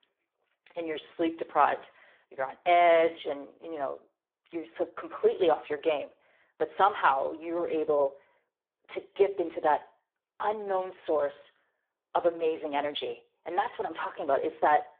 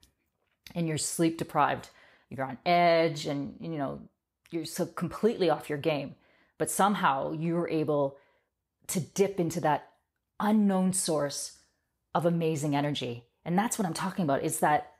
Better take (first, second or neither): second